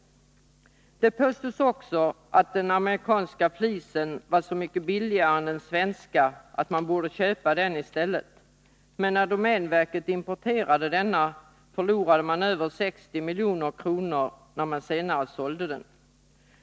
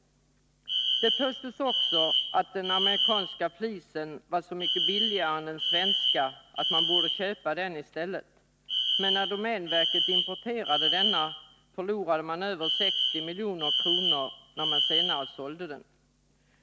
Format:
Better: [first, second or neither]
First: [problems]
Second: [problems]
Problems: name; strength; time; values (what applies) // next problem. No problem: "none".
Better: first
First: none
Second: background sound (Alarm); 3 dB above the speech